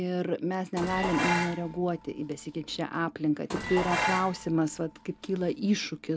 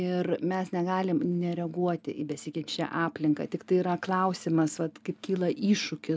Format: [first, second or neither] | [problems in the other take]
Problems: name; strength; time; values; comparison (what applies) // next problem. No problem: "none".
second | background sound (Dishes, pots, and pans); 5 dB below the speech